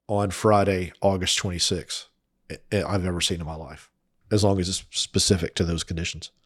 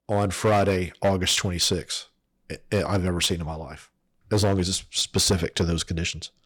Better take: first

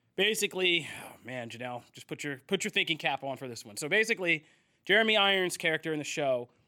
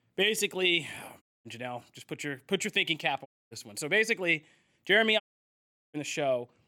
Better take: first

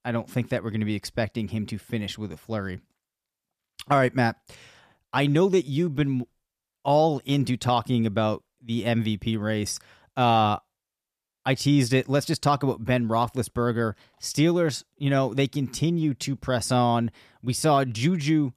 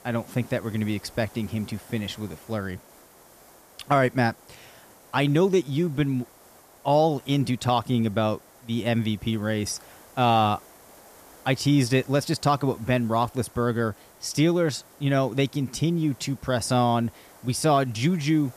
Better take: first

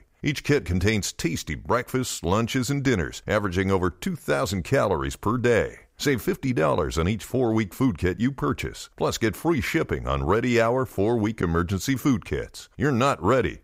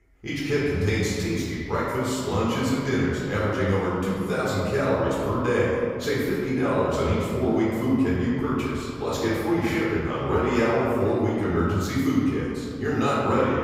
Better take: first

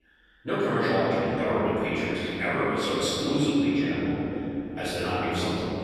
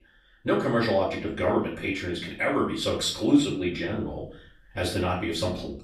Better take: second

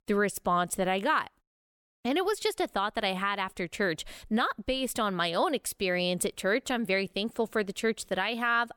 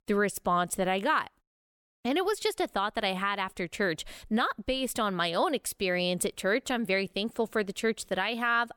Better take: neither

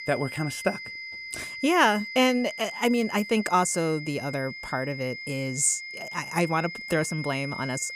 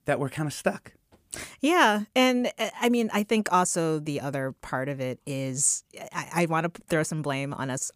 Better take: second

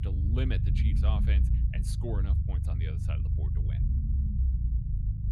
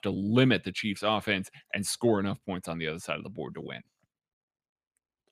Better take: second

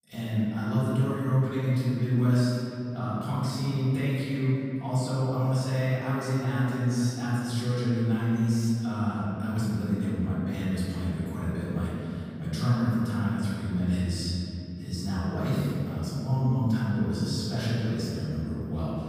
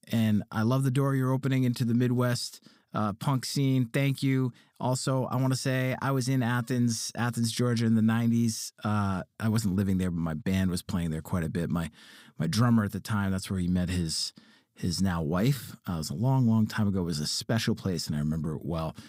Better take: second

